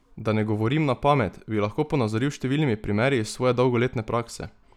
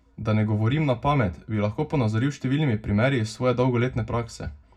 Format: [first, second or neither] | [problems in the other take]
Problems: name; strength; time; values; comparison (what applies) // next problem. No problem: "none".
first | room echo; dies away in 0.4 s